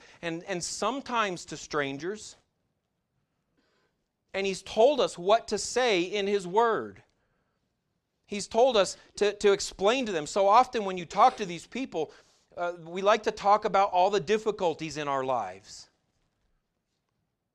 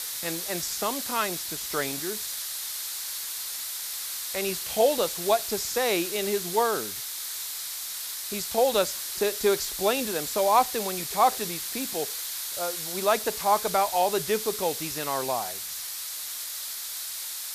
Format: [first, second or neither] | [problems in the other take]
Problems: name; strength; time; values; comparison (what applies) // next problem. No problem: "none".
first | hiss; loud; throughout; 4 dB below the speech